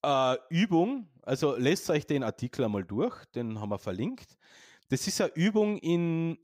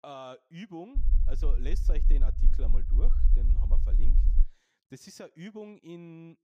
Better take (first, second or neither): first